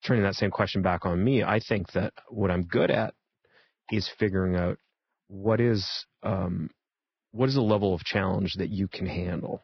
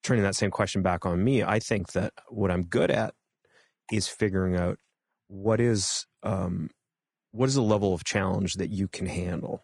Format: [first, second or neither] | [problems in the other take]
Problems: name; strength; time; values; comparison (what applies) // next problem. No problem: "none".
second | garbled, watery; badly; nothing above 5.5 kHz; slightly in the second